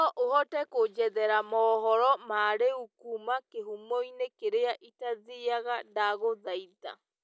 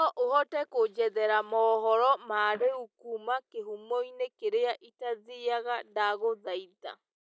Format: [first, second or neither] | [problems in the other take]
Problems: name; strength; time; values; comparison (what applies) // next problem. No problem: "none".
first | noise reduction (neural mask model DeepFilterNet 3)